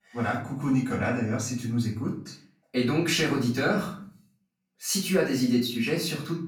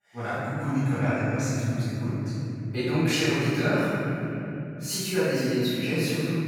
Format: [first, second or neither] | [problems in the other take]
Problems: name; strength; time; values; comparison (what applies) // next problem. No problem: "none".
first | room echo; strong; dies away in 3 s; slight in the first // off-mic speech; far; far in the first